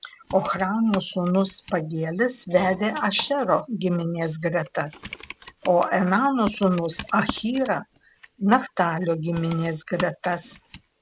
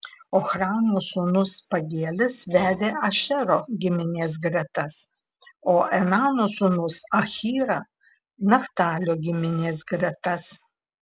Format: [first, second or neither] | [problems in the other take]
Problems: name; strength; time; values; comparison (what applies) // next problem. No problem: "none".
second | background sound (Computer keyboard); 17 dB below the speech